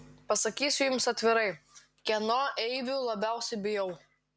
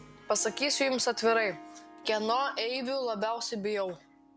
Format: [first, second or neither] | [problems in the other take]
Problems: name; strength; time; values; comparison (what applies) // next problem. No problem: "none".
first | background sound (Harp); 19 dB below the speech